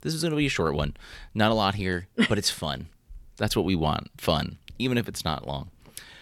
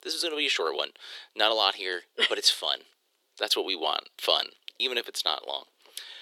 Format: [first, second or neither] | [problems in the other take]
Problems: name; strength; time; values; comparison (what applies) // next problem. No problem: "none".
first | thin; very; fading below 350 Hz